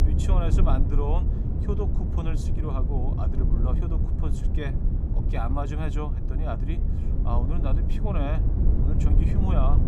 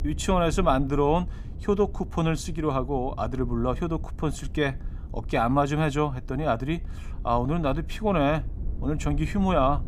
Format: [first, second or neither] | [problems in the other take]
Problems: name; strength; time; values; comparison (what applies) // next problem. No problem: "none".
second | low rumble; loud; throughout; 4 dB below the speech; faint in the second